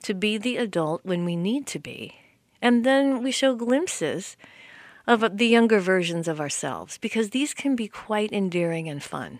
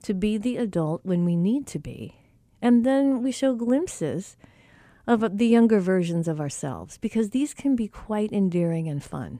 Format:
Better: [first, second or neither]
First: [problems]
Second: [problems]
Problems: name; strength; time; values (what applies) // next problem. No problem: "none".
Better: second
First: thin; very slightly; fading below 450 Hz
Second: none